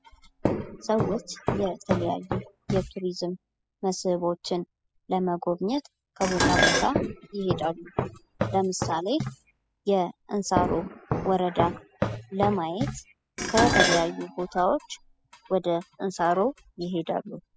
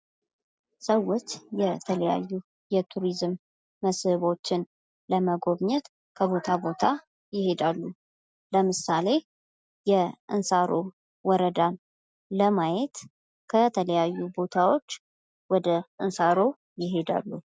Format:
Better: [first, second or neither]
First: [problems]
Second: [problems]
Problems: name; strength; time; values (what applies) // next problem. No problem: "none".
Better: second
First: noise reduction (classical method spectral subtraction)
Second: none